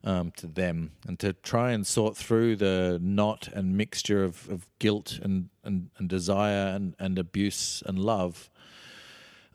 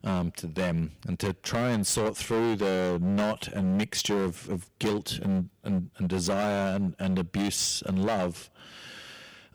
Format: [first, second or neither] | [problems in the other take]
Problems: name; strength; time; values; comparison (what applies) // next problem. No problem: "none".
first | distortion; heavy; 14% of the sound clipped